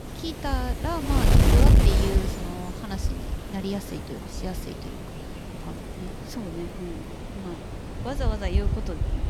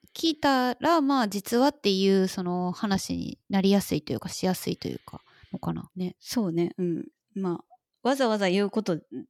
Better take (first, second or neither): second